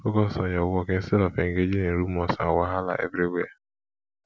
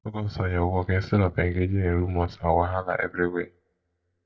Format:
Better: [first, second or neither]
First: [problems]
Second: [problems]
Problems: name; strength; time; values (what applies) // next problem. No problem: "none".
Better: first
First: none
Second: noise reduction (neural mask model DeepFilterNet 3)